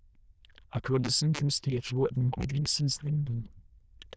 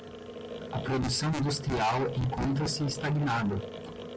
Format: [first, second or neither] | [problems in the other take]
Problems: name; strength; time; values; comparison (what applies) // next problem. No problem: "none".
second | noise reduction (neural diffusion model UNIVERSE++)